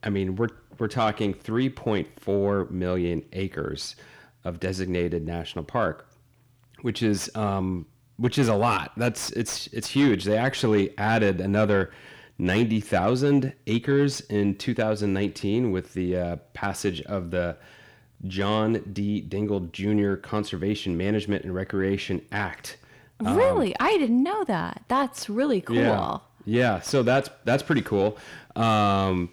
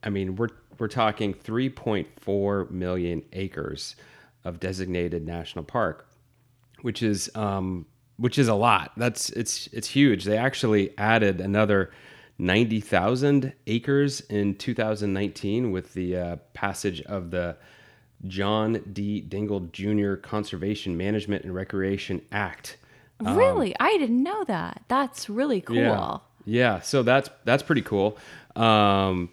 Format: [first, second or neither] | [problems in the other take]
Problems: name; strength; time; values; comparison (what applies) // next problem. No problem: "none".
second | distortion; slight; 10 dB below the speech